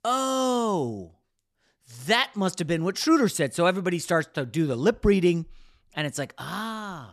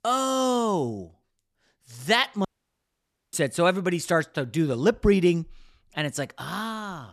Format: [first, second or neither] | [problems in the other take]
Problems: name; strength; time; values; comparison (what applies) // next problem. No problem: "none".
first | audio cutting out; at 2.5 s for 1 s